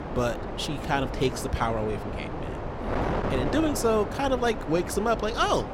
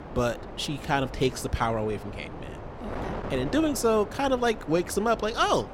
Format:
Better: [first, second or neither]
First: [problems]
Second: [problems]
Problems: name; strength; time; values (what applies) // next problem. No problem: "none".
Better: second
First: wind noise on the microphone; heavy; 6 dB below the speech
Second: wind noise on the microphone; occasional gusts; 15 dB below the speech